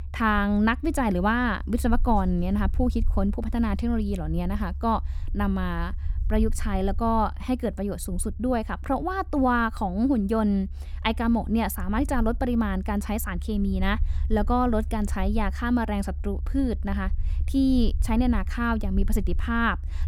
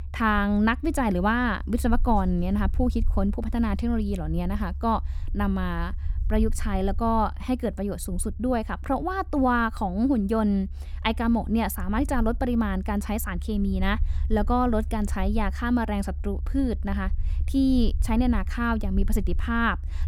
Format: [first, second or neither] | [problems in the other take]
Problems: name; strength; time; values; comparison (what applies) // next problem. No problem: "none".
neither | low rumble; faint; throughout; 25 dB below the speech; the same in both